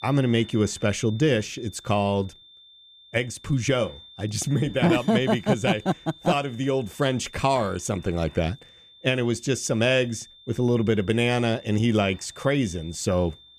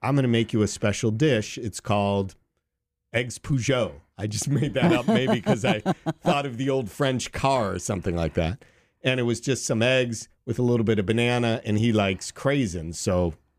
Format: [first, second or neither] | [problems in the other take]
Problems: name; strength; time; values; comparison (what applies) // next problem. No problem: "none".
second | high-pitched whine; faint; throughout; 3.5 kHz, 20 dB below the speech